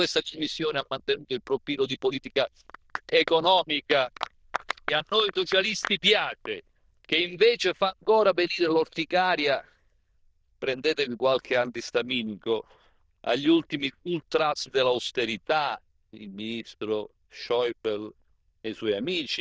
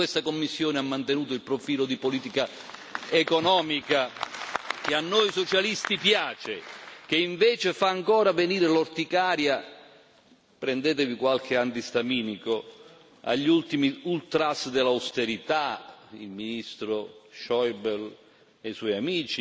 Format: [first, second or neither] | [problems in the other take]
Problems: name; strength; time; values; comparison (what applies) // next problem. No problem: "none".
second | noise reduction (neural diffusion model UNIVERSE++)